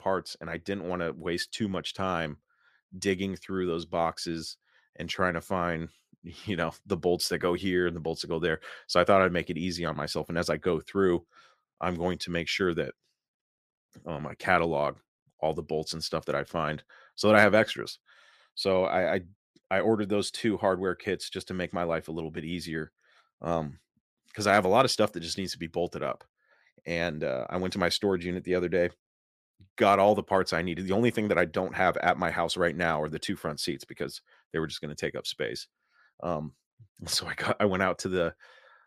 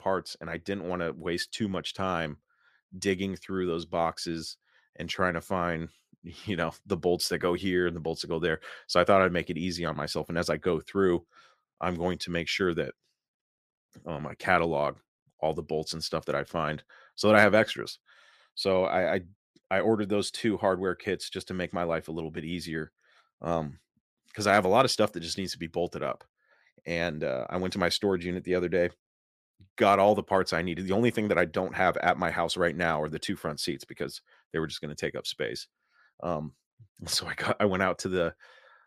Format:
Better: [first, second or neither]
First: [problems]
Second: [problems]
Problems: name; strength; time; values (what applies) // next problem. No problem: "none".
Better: neither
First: none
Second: none